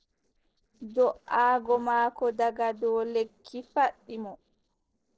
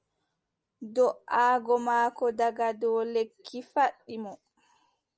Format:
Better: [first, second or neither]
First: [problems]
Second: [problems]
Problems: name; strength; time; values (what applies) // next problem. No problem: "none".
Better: second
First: noise reduction (neural separator model SepFormer DNS4)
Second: none